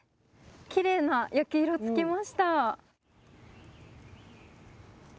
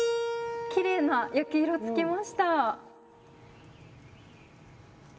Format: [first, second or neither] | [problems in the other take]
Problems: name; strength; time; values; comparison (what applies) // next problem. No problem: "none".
first | background sound (Keyboard (musical)); 7 dB below the speech // room echo; dies away in 1.8 s